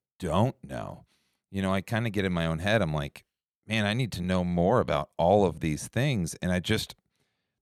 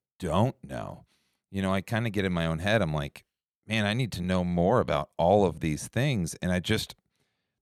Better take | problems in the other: neither | none

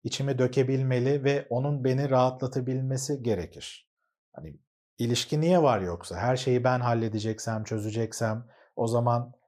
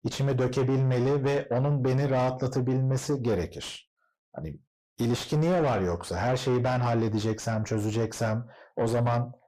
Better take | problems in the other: first | distortion; heavy; 7 dB below the speech

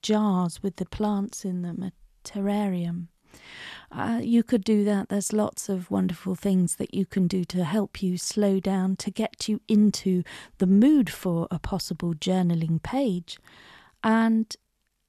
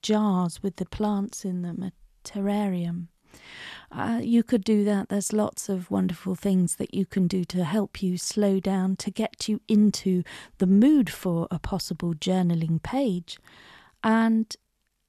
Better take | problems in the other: neither | none

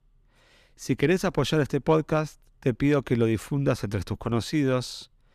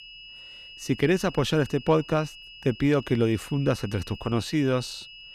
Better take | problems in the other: first | high-pitched whine; noticeable; throughout; 3 kHz, 15 dB below the speech

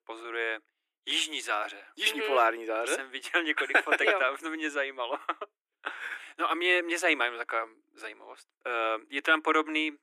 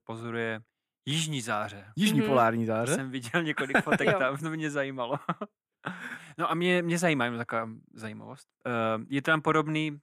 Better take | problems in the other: second | thin; very; fading below 300 Hz

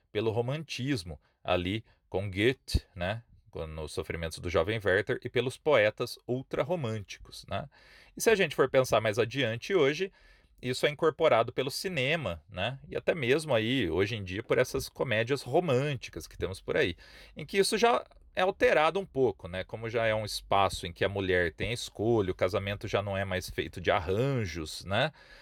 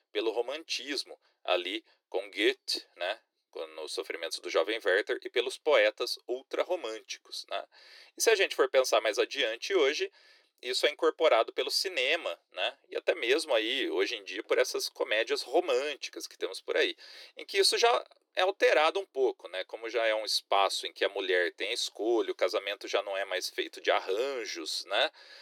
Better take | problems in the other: first | thin; very; fading below 350 Hz

